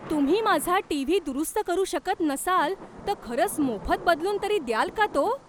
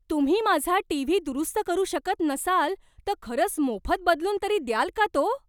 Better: second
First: background sound (Thunder / Rain); 18 dB below the speech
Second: none

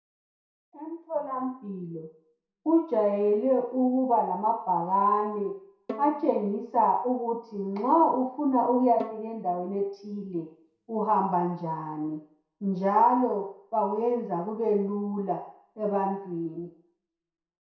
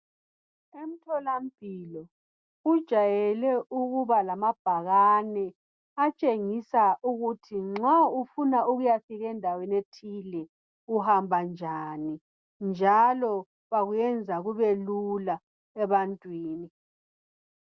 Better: second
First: background sound (Bowed string instrument); 18 dB below the speech // room echo; dies away in 0.6 s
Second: none

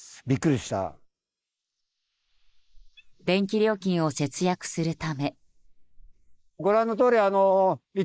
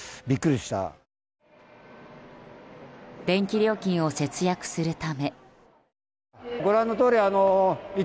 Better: second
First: noise reduction (neural mask model Resemble Enhance denoiser)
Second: none

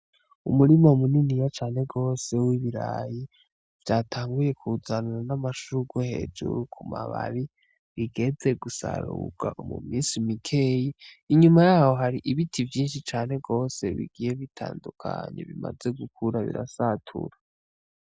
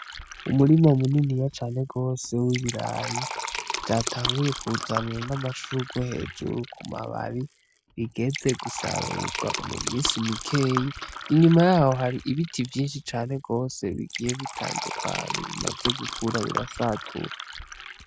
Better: first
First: none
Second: background sound (Fill (with liquid)); 9 dB below the speech

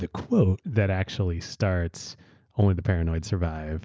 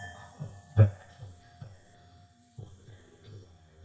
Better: first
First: none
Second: noise reduction (neural mask model DeepFilterNet 3)

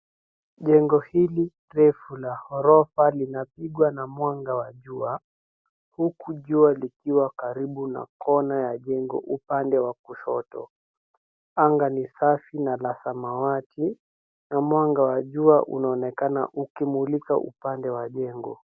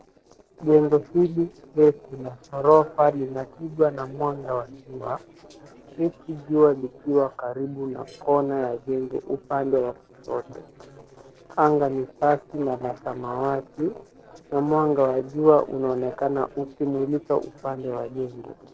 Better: first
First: none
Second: noise reduction (neural separator model SepFormer DNS4)

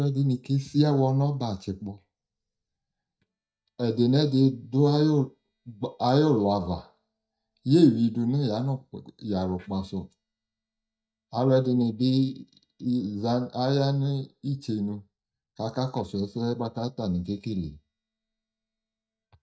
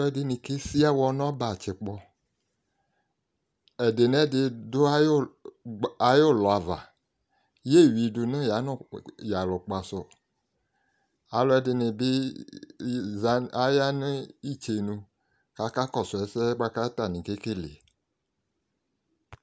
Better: second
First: noise reduction (neural mask model DeepFilterNet 3)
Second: none

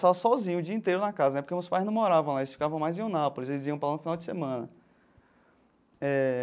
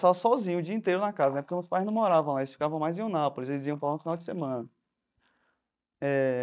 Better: first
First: none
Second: noise reduction (neural mask model DeepFilterNet 3)

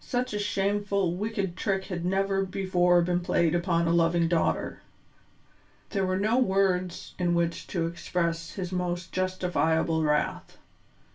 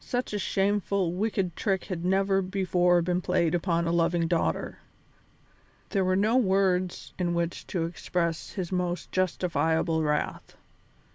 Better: second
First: room echo; dies away in 0.2 s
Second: none

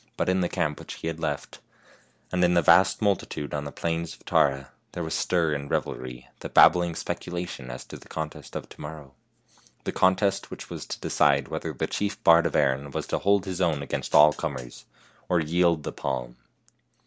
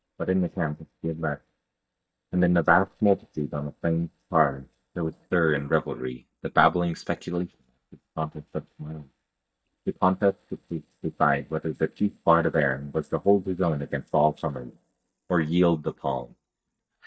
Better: first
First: none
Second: noise reduction (neural mask model DeepFilterNet 3)

